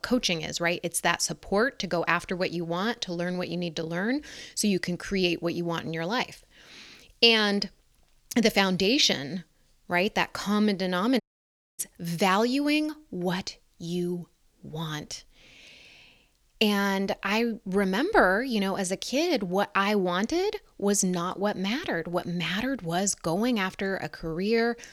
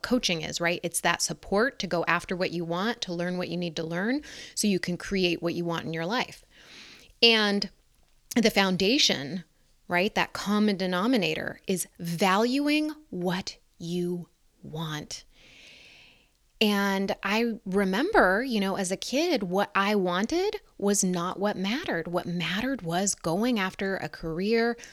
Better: second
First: audio cutting out; at 11 s for 0.5 s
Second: none

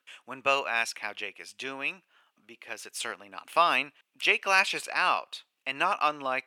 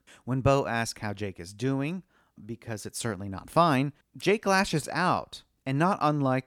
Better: second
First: thin; very; fading below 550 Hz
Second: none

